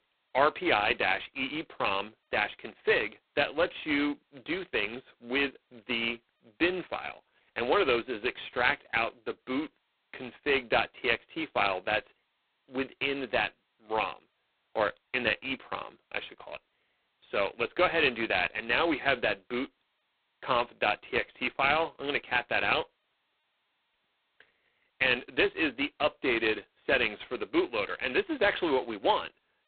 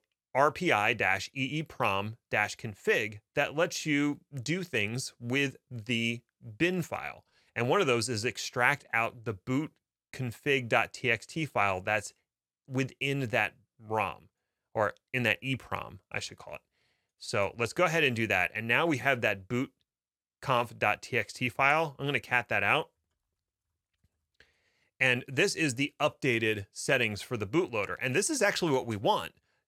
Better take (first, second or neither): second